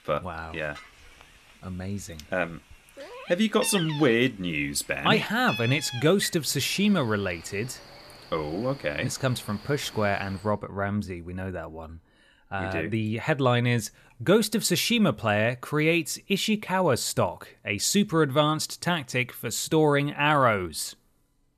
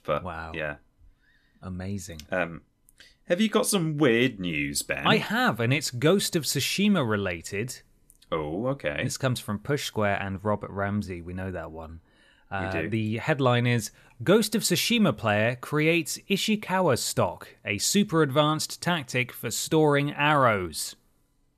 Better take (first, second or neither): second